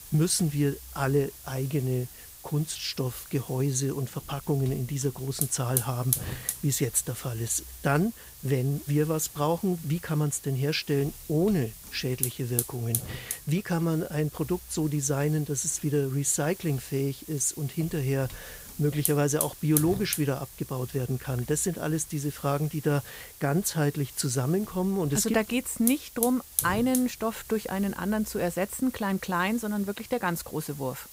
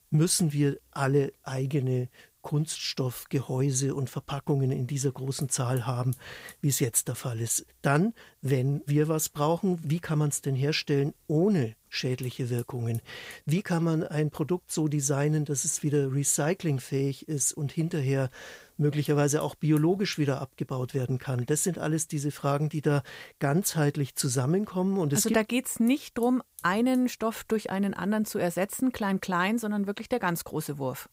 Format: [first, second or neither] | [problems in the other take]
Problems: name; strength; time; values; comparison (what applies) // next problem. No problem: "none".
second | hiss; loud; throughout; 9 dB below the speech; faint in the second